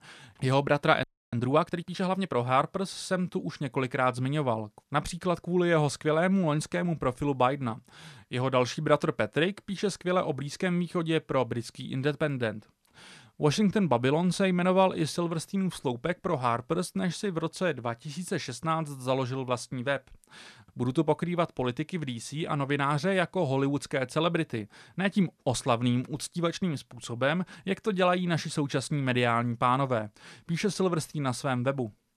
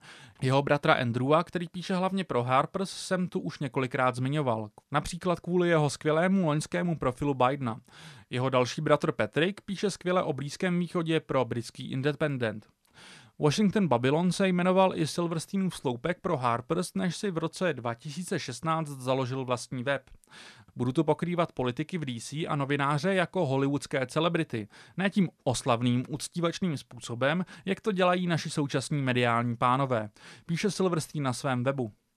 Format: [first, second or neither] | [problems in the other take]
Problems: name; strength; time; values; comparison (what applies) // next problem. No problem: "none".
second | audio freezing; at 1 s